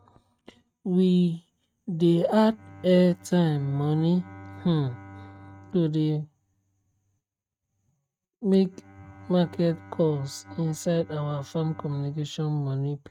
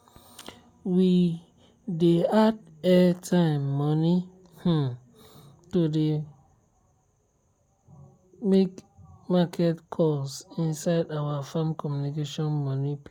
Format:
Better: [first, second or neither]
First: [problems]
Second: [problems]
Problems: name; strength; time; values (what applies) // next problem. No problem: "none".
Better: second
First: noise reduction (neural mask model RNNoise)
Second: none